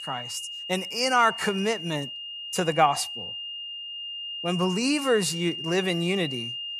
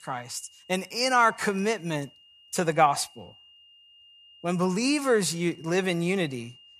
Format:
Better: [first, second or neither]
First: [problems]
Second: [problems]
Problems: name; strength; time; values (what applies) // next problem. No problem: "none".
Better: second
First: high-pitched whine; loud; throughout; 3 kHz, 7 dB below the speech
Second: high-pitched whine; faint; throughout; 3 kHz, 25 dB below the speech